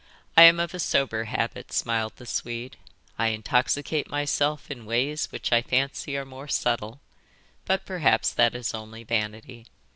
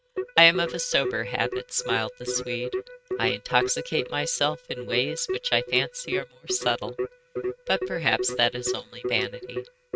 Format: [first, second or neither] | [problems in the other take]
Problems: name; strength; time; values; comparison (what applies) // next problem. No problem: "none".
first | noise reduction (neural mask model RNNoise)